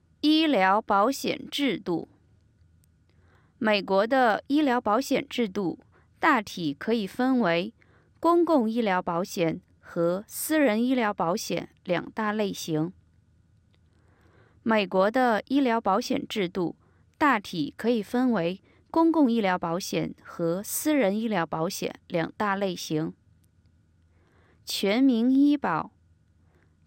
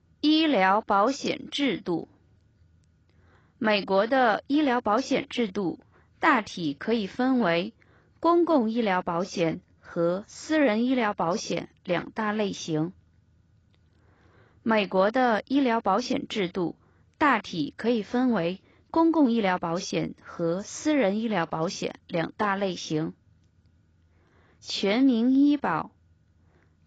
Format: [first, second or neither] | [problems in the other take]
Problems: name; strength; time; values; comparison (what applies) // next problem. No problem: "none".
first | garbled, watery; badly; nothing above 7.5 kHz